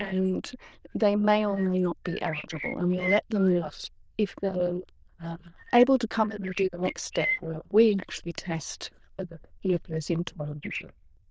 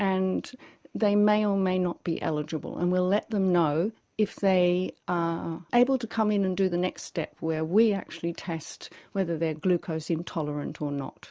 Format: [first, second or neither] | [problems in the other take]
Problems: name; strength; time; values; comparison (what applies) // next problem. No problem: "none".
second | noise reduction (neural diffusion model UNIVERSE++)